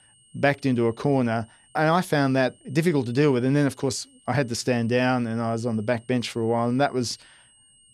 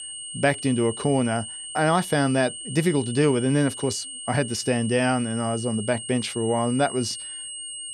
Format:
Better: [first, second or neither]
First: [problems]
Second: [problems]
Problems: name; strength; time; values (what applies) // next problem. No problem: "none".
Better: first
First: high-pitched whine; faint; throughout; 8.5 kHz, 30 dB below the speech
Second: high-pitched whine; loud; throughout; 8.5 kHz, 9 dB below the speech